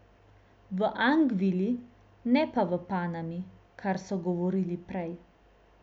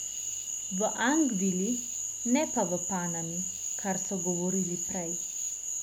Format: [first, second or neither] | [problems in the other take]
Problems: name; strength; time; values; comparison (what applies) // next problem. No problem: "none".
first | background sound (Cricket / Frog); 3 dB below the speech